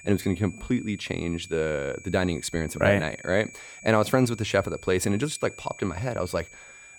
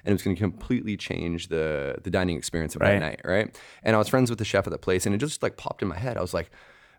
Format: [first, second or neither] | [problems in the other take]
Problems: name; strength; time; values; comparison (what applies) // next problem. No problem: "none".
second | high-pitched whine; noticeable; throughout; 2.5 kHz, 20 dB below the speech